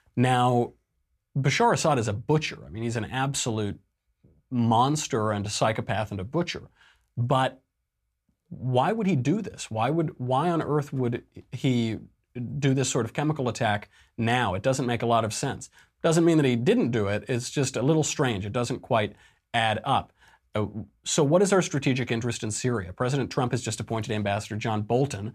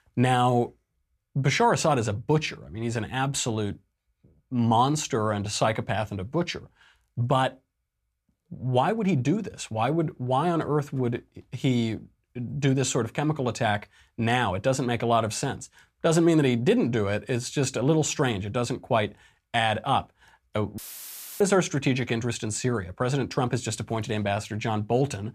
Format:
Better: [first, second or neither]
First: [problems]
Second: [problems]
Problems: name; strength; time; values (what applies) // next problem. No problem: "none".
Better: first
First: none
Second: audio cutting out; filled with static; at 21 s for 0.5 s